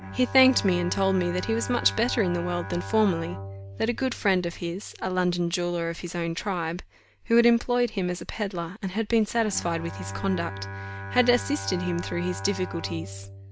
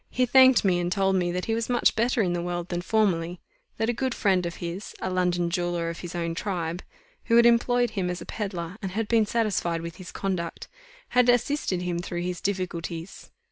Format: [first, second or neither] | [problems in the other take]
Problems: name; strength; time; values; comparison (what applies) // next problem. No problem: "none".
second | background sound (Bowed string instrument); 12 dB below the speech